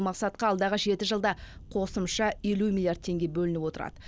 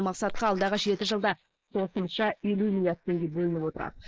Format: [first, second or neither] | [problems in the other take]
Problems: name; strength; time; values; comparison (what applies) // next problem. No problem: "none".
first | noise reduction (neural mask model Resemble Enhance denoiser)